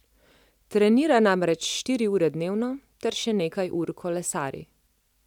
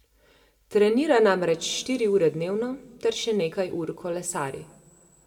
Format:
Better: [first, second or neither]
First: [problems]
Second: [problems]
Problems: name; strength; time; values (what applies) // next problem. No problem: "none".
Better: first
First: none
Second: room echo; dies away in 1.1 s